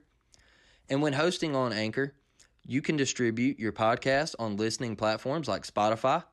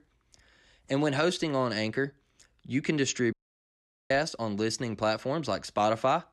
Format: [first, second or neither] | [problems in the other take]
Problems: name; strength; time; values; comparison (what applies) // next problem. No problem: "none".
first | audio cutting out; at 3.5 s for 1 s